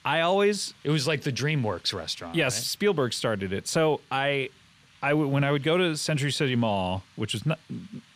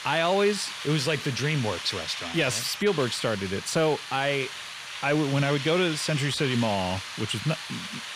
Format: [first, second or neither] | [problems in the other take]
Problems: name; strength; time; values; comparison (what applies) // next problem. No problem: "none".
first | hiss; loud; throughout; 8 dB below the speech; faint in the first